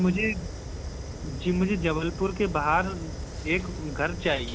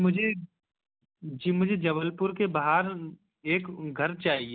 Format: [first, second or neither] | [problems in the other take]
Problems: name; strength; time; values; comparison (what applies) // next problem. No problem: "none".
second | background sound (Fire); 7 dB below the speech